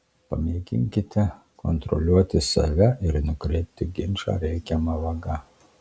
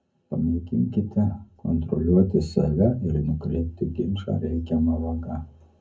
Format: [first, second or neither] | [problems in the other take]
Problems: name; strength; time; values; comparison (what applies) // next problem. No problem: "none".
first | room echo; dies away in 0.3 s